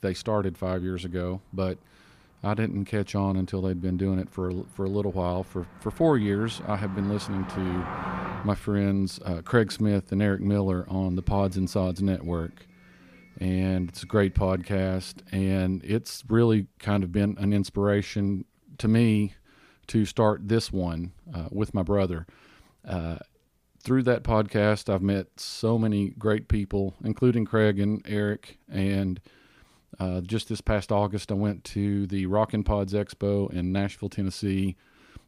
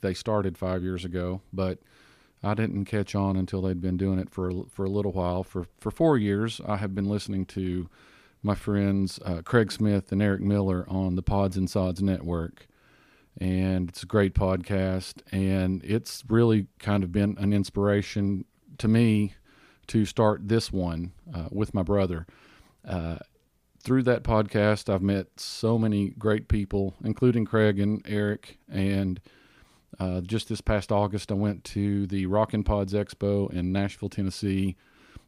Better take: second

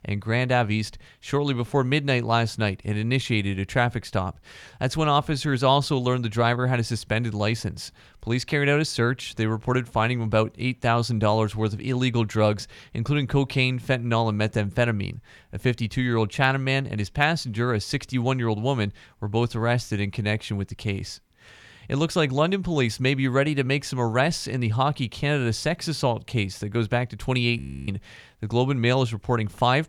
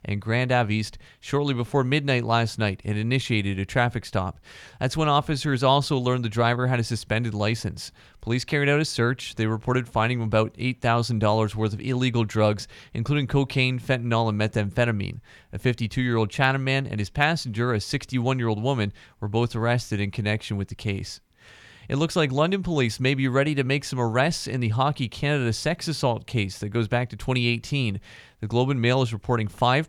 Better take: second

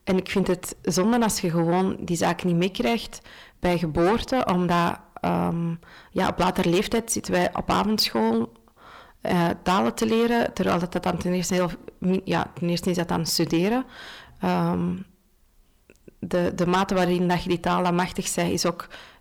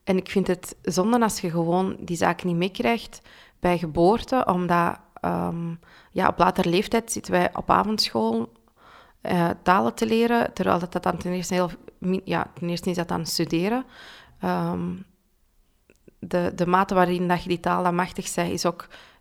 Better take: second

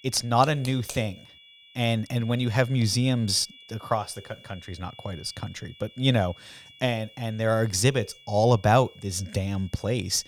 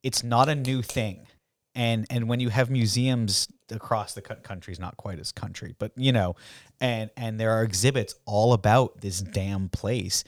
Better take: second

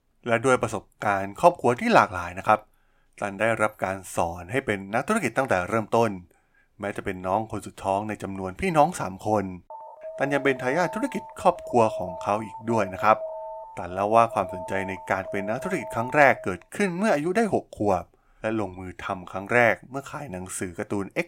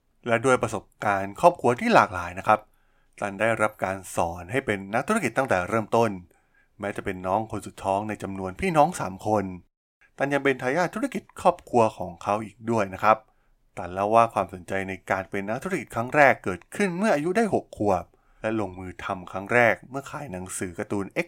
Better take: second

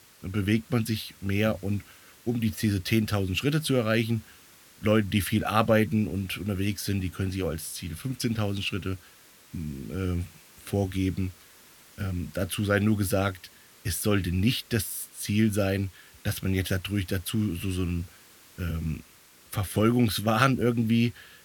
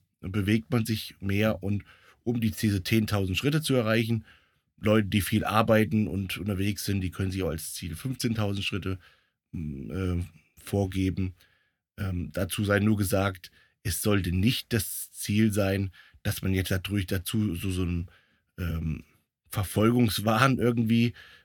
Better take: second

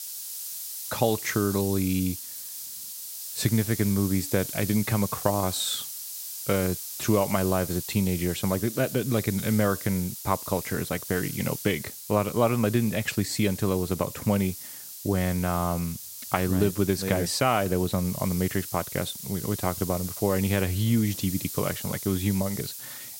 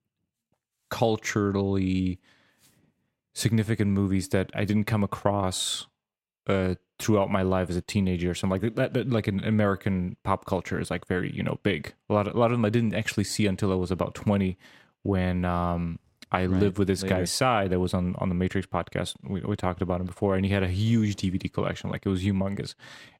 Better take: second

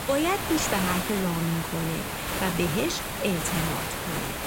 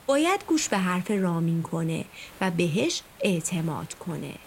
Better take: second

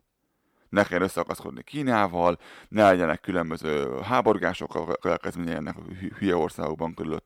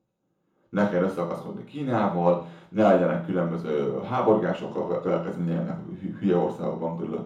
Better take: first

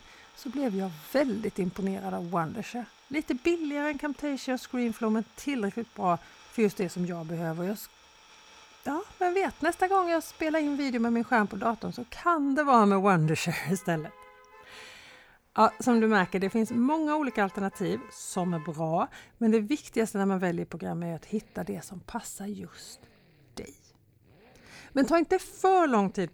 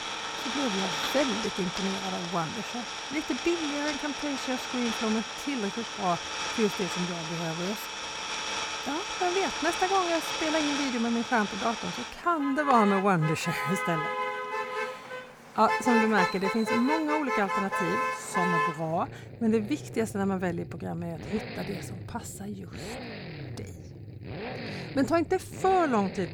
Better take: first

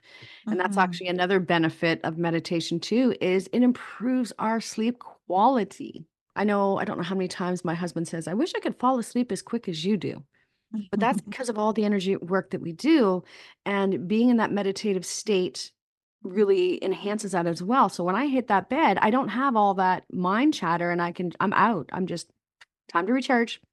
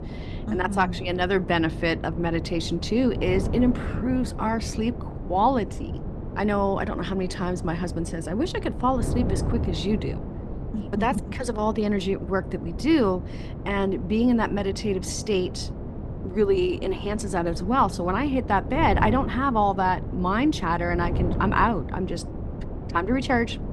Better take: first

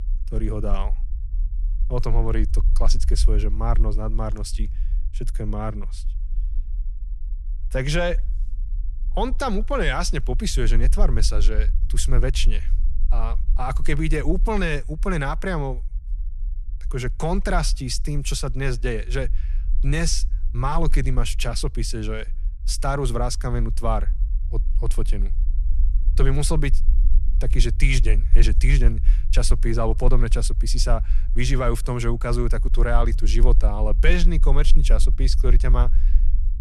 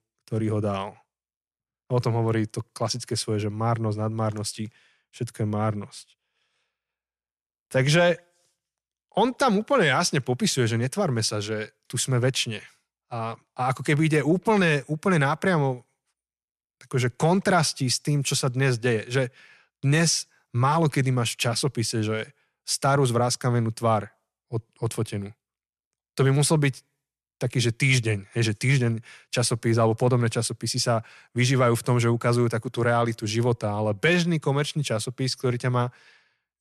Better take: second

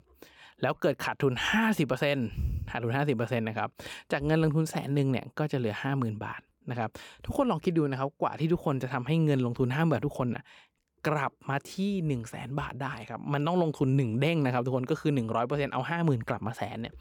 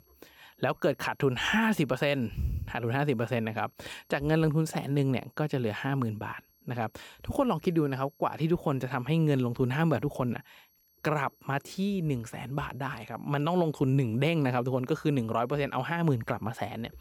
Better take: first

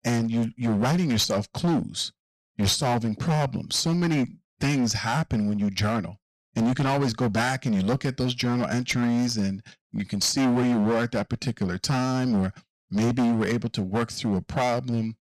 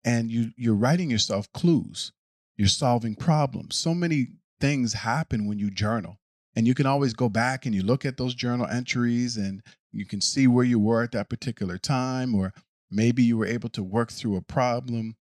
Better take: second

